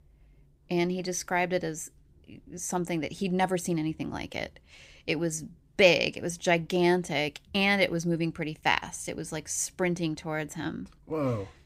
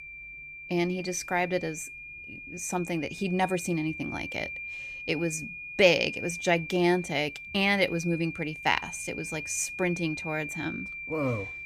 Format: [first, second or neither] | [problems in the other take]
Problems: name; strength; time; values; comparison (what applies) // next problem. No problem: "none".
first | high-pitched whine; loud; throughout; 2.5 kHz, 9 dB below the speech